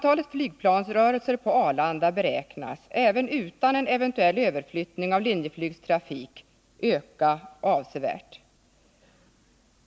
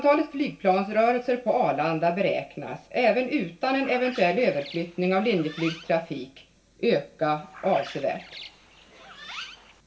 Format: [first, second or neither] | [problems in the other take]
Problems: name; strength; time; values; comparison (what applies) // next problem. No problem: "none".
first | background sound (Bird); 17 dB below the speech // room echo; dies away in 0.3 s